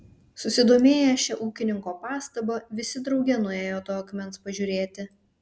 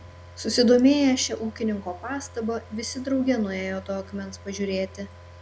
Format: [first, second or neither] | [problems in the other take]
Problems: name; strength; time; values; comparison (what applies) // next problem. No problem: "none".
first | background sound (Car); 20 dB below the speech